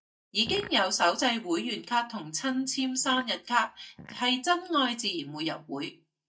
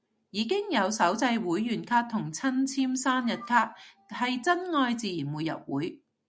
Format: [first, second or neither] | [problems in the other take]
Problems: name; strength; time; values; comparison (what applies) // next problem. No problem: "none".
second | noise reduction (neural mask model DeepFilterNet 3)